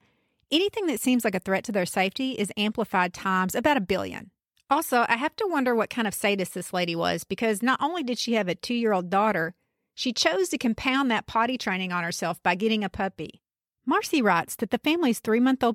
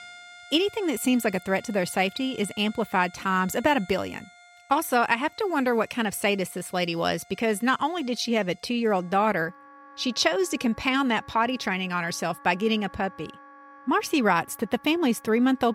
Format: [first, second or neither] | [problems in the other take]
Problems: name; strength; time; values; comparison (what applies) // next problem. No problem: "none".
first | background music; faint; throughout; 25 dB below the speech